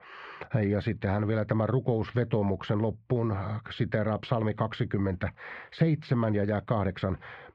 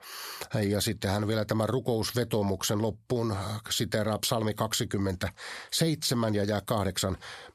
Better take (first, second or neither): second